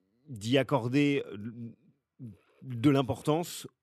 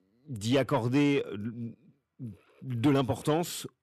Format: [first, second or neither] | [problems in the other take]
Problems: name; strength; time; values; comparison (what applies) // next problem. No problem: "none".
first | distortion; slight; 10 dB below the speech